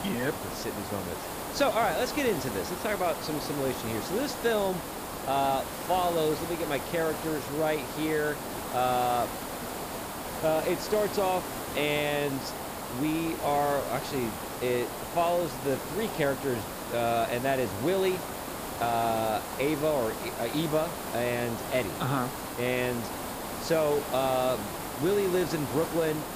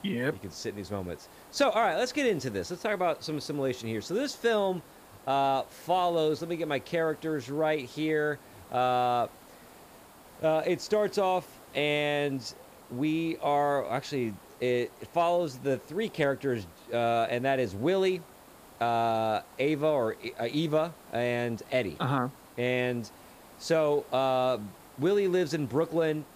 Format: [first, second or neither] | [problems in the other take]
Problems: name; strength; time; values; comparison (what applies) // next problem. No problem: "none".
second | hiss; loud; throughout; 6 dB below the speech; faint in the second